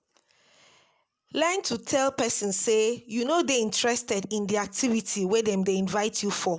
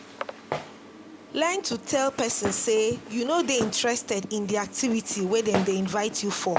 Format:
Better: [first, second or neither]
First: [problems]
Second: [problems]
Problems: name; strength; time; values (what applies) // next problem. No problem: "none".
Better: first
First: none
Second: background sound (Walk, footsteps); 9 dB below the speech